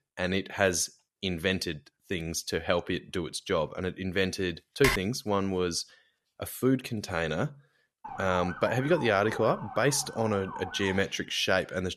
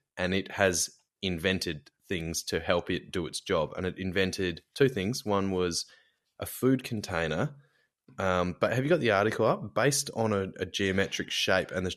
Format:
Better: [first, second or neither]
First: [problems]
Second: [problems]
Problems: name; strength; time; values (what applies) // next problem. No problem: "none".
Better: second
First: keyboard typing; loud; at 5 s; peak level with the speech // siren; noticeable; from 8 to 11 s; peak 8 dB below the speech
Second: none